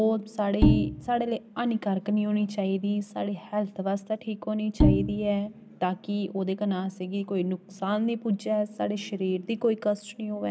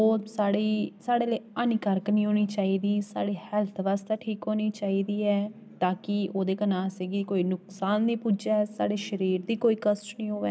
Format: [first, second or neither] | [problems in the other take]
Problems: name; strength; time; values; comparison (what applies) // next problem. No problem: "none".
second | background sound (Bowed string instrument); 3 dB above the speech